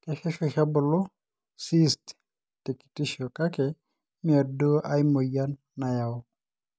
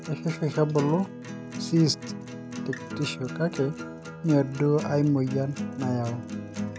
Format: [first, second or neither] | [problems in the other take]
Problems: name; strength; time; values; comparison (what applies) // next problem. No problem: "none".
first | background sound (Acoustic guitar); 9 dB below the speech